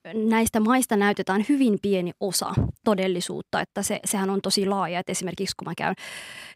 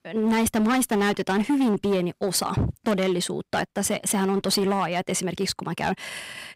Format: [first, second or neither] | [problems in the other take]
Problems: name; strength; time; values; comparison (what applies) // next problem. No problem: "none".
first | distortion; slight; 12% of the sound clipped